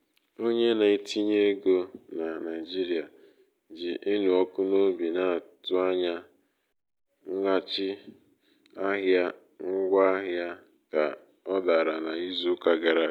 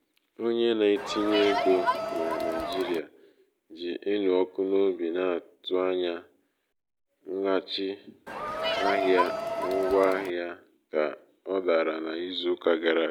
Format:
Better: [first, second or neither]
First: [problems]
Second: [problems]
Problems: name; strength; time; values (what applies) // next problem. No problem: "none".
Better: first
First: none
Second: background sound (Crowd); 1 dB below the speech